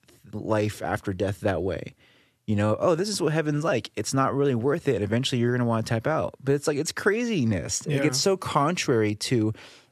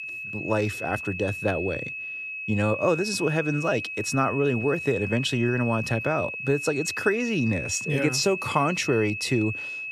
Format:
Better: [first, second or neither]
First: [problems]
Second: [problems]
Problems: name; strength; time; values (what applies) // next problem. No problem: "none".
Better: first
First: none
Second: high-pitched whine; loud; throughout; 2.5 kHz, 6 dB below the speech